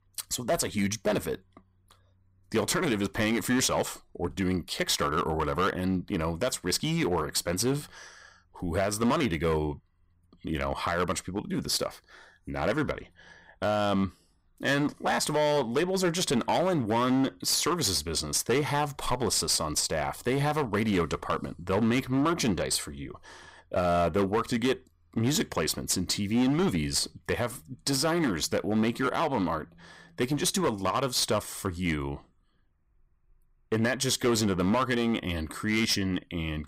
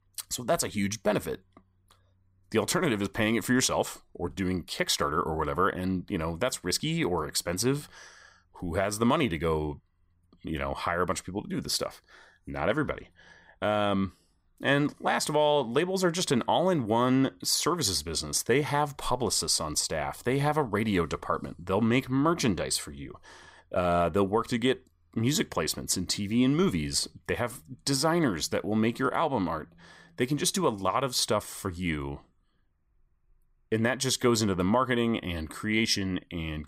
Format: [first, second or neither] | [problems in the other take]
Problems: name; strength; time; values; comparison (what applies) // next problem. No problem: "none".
second | distortion; slight; 7% of the sound clipped